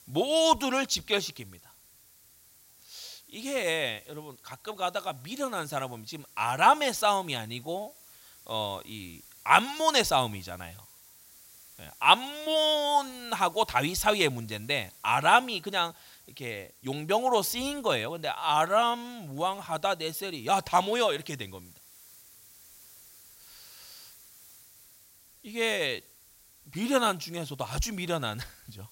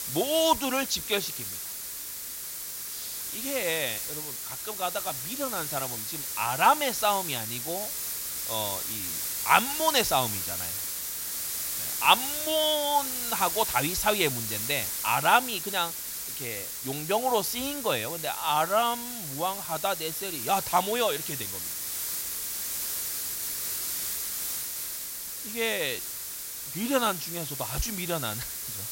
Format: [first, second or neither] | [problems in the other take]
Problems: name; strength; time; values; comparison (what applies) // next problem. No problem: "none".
first | hiss; loud; throughout; 3 dB below the speech; faint in the first